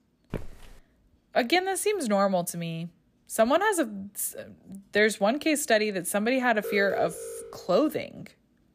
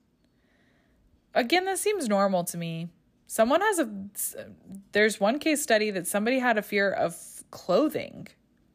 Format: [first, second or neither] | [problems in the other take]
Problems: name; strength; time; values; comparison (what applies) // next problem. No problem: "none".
second | footsteps; faint; at 0.5 s; peak 15 dB below the speech // alarm; noticeable; from 6.5 to 7.5 s; peak 8 dB below the speech